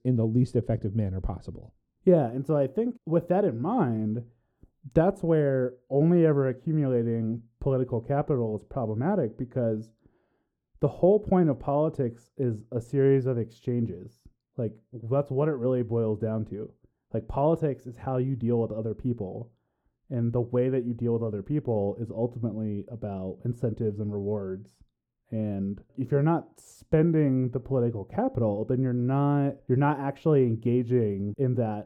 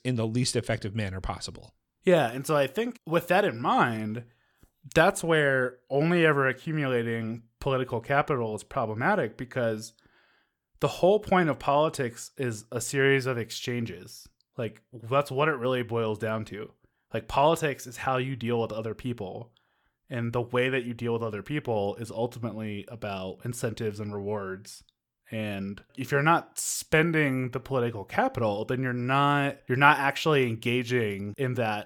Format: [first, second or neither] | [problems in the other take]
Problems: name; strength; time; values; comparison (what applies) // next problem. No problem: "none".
second | muffled; very; fading above 1 kHz